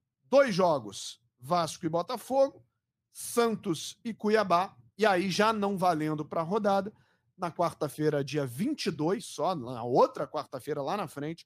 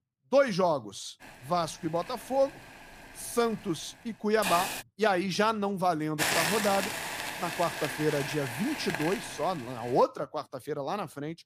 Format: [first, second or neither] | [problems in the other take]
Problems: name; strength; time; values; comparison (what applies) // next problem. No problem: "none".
first | hiss; loud; from 1 to 5 s and from 6 to 10 s; 3 dB below the speech